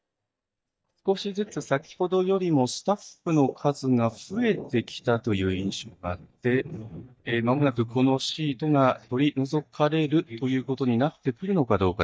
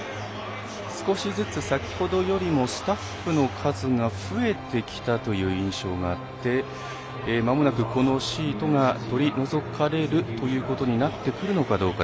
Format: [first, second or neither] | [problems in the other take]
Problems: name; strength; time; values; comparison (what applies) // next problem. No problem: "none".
second | noise reduction (neural mask model DeepFilterNet 3)